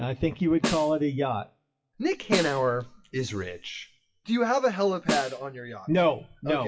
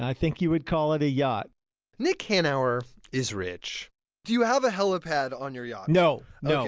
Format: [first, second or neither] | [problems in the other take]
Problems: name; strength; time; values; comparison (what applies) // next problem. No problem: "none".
second | noise reduction (classical method WPE with log-MMSE)